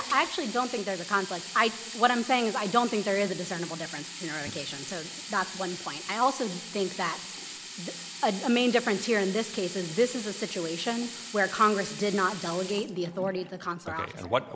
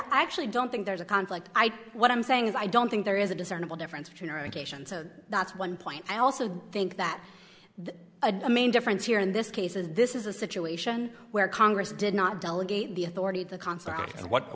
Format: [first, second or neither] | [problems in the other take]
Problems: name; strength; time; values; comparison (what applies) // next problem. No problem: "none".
second | background sound (Sink (filling or washing)); 12 dB below the speech